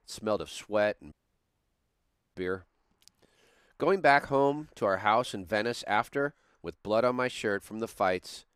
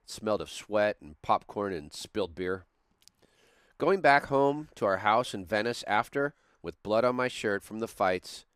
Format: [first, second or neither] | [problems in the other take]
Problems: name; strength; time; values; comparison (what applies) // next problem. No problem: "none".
second | audio cutting out; at 1 s for 1 s